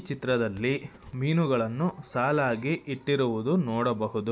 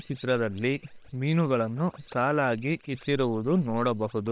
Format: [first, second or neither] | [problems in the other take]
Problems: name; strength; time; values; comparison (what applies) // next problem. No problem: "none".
first | noise reduction (neural separator model SepFormer WHAM!)